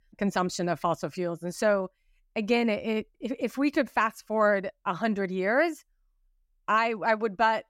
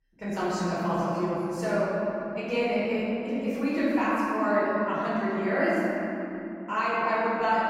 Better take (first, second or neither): first